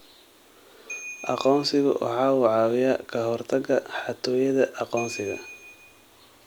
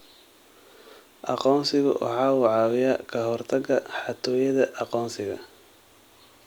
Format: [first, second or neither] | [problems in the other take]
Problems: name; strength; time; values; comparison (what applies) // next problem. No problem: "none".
second | background sound (Ringtone / Bell); 15 dB below the speech